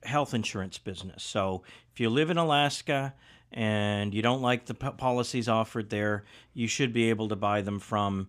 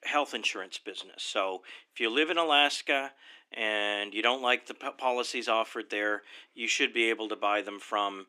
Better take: first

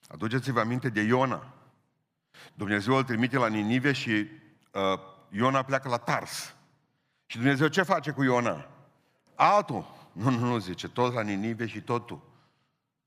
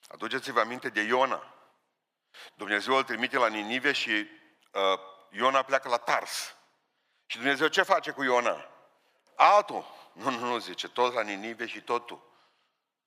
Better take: first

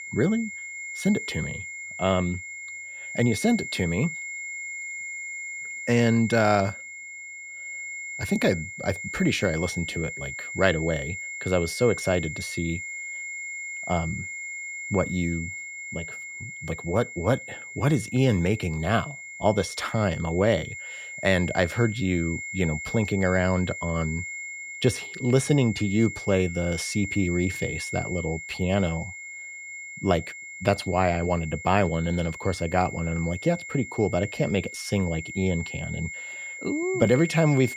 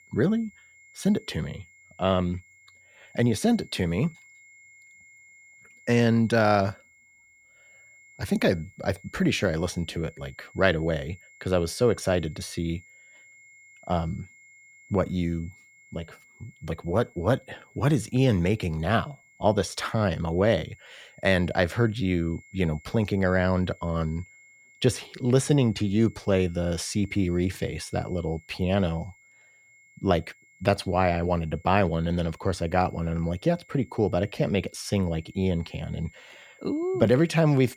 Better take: second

